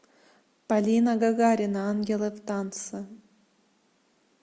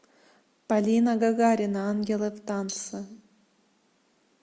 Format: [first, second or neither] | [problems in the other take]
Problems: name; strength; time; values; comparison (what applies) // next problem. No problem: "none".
first | background sound (Tambourine); 15 dB below the speech